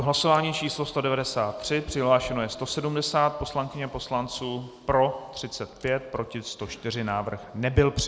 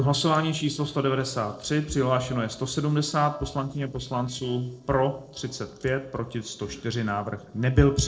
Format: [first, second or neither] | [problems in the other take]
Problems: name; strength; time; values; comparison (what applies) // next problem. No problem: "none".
first | noise reduction (neural separator model SepFormer DNS4)